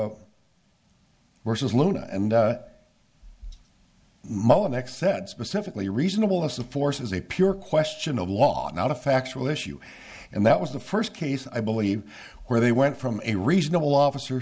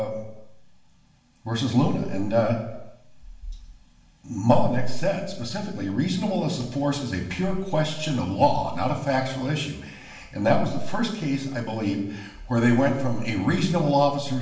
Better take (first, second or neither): first